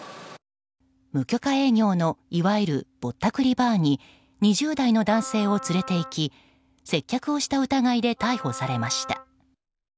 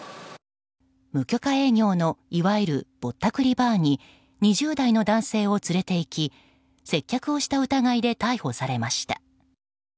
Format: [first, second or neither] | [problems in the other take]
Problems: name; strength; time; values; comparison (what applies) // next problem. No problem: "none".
second | background sound (Wind instrument, woodwind instrument); 15 dB below the speech